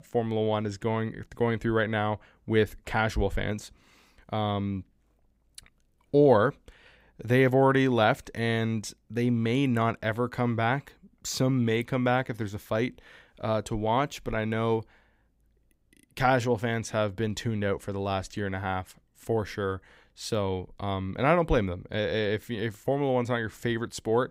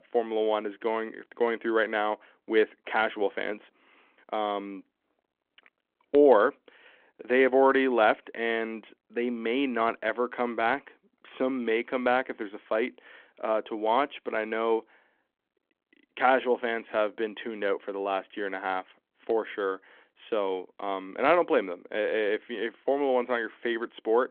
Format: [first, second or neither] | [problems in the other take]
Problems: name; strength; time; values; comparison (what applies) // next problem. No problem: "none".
first | phone-call audio